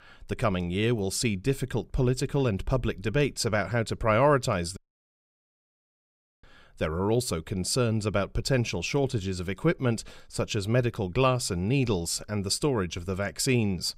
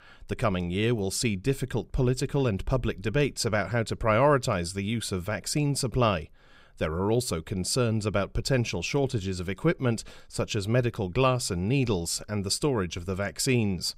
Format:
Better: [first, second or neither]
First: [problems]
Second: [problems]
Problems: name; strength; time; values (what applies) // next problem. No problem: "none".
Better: second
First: audio cutting out; at 5 s for 1.5 s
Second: none